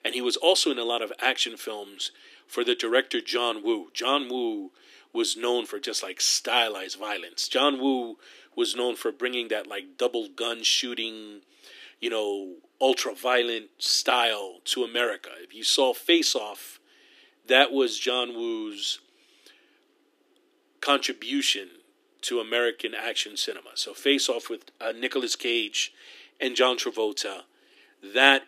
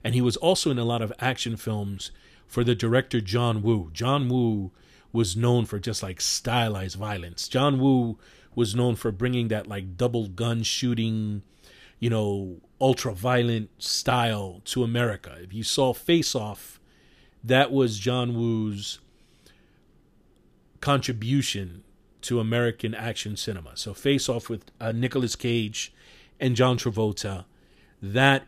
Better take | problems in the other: second | thin; somewhat; fading below 300 Hz

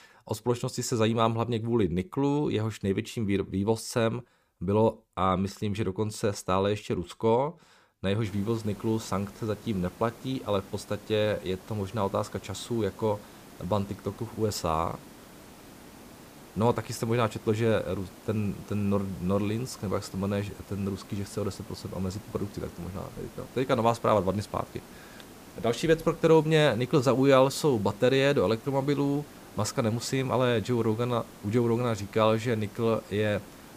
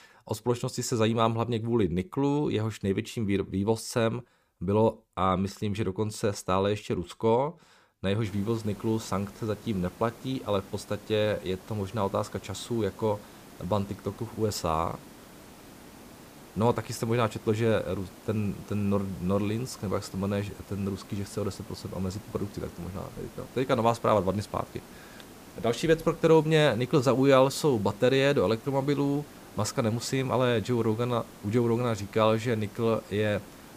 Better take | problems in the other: neither | hiss; noticeable; from 8 s on; 20 dB below the speech; the same in both

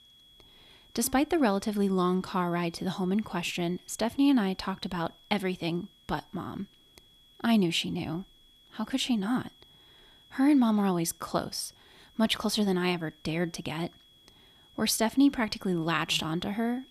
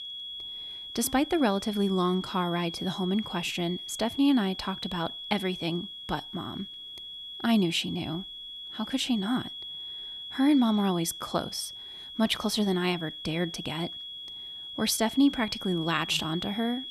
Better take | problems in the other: first | high-pitched whine; loud; throughout; 3.5 kHz, 9 dB below the speech; faint in the first

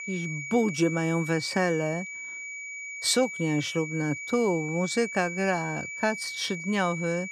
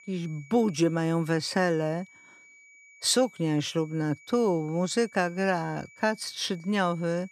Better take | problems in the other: second | high-pitched whine; loud; throughout; 2.5 kHz, 7 dB below the speech; faint in the second

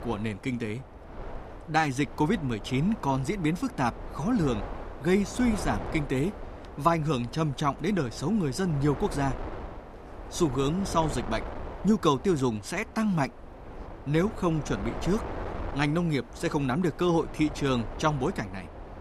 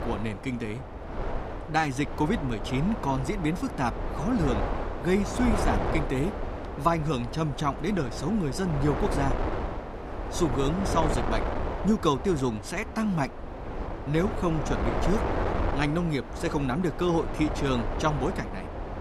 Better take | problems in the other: first | wind noise on the microphone; heavy; 4 dB below the speech; occasional gusts in the first

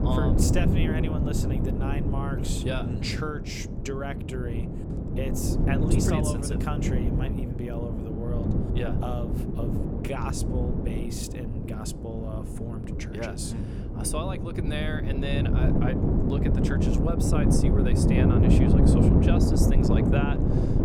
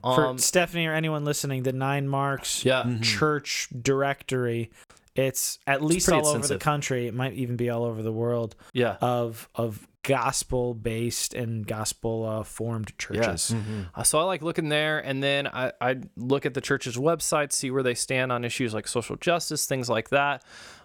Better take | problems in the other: second | wind noise on the microphone; heavy; 2 dB above the speech

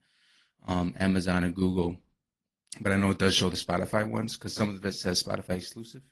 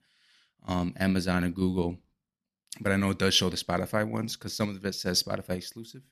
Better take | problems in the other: second | garbled, watery; slightly; nothing above 11.5 kHz

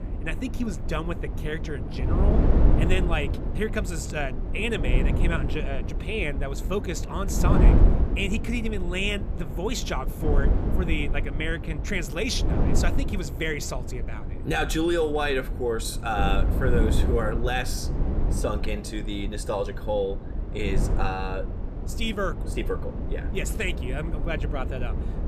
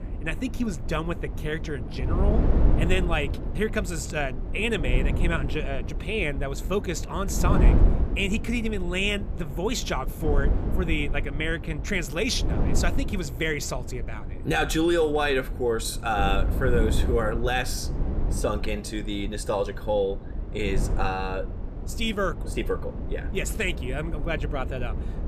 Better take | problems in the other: second | wind noise on the microphone; heavy; 7 dB below the speech; occasional gusts in the second

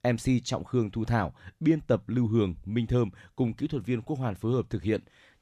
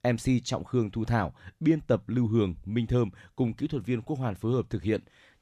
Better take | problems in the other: neither | none

